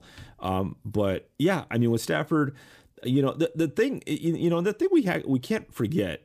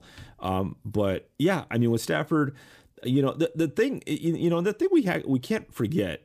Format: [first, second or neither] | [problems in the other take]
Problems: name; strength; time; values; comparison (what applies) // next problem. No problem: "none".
neither | none